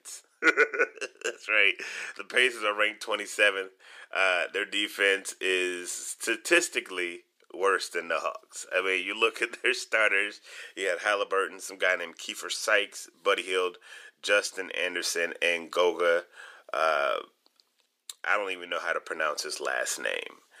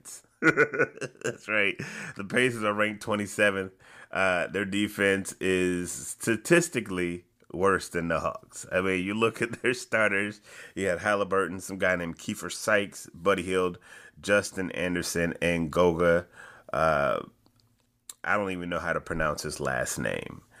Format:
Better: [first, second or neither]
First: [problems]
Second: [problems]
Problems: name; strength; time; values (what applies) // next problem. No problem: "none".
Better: second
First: thin; very; fading below 400 Hz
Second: none